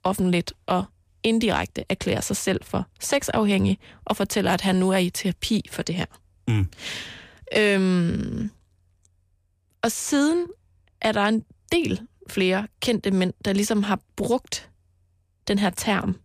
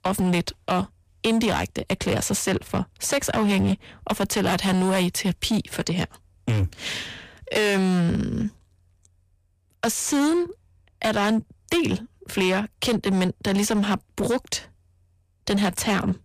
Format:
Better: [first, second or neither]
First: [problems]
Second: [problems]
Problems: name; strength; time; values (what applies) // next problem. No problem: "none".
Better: first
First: none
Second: distortion; slight; 12% of the sound clipped